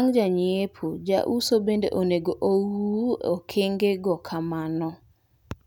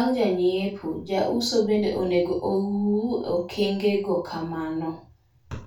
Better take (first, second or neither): first